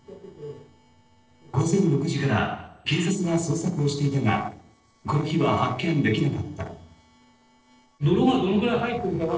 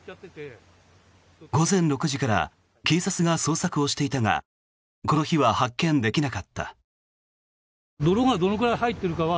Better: second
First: noise reduction (neural separator model SepFormer DNS4)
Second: none

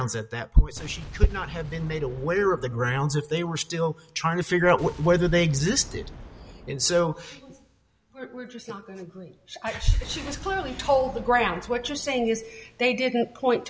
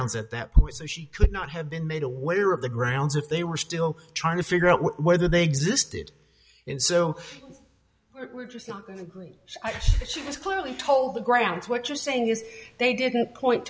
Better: second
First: background sound (Boom); 17 dB below the speech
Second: none

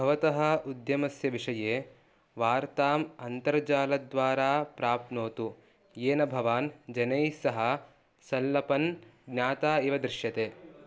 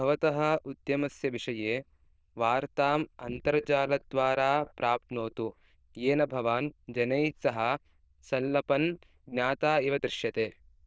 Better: first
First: none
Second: noise reduction (neural diffusion model UNIVERSE++)

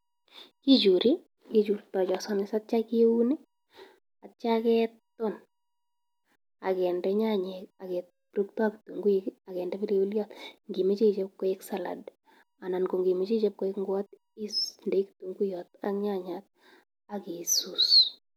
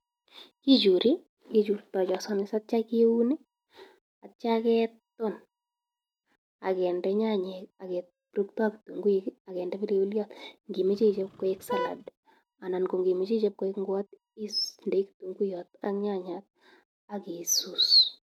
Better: first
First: none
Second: noise reduction (neural mask model RNNoise)

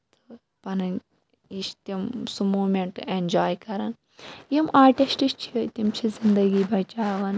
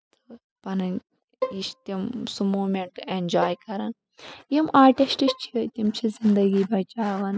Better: first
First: none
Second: noise reduction (classical method spectral subtraction)

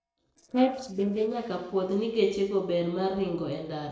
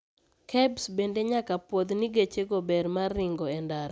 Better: second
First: noise reduction (neural separator model SepFormer DNS4)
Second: none

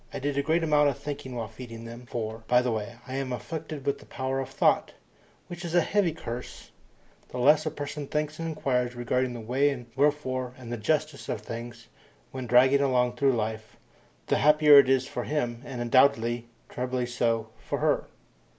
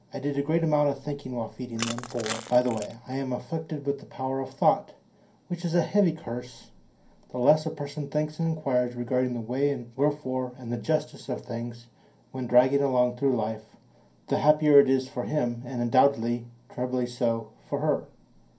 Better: first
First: none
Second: background sound (Crushing); 11 dB below the speech // room echo; dies away in 0.3 s

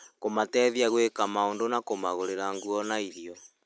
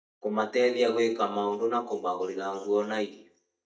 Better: first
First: none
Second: noise reduction (neural mask model DeepFilterNet 3)

